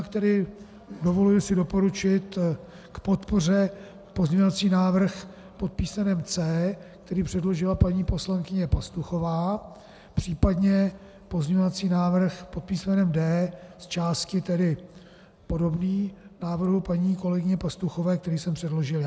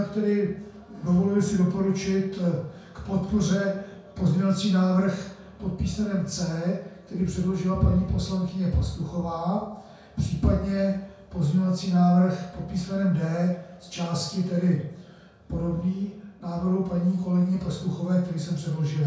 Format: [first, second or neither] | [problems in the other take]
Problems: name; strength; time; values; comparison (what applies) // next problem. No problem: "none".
first | room echo; dies away in 0.5 s